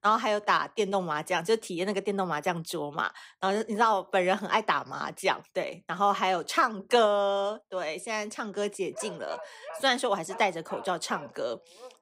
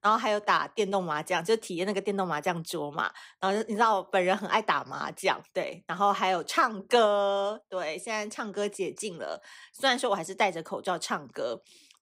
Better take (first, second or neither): second